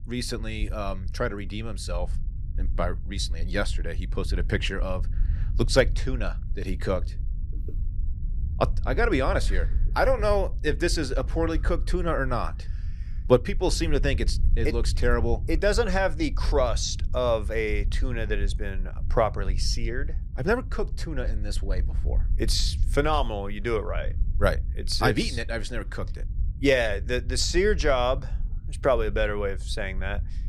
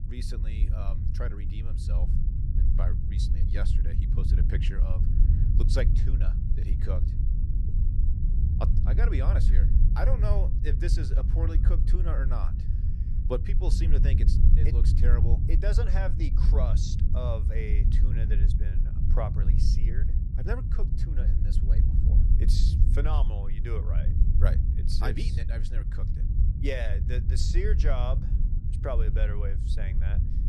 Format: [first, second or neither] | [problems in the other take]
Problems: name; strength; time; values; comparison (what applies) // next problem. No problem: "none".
first | low rumble; loud; throughout; 5 dB below the speech; faint in the first